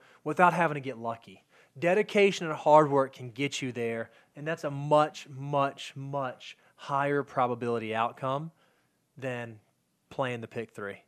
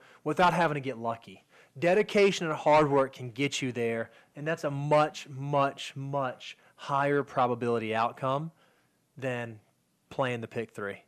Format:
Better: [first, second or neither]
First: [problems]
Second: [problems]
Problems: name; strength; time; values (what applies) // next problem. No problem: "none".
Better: first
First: none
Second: distortion; slight; 10 dB below the speech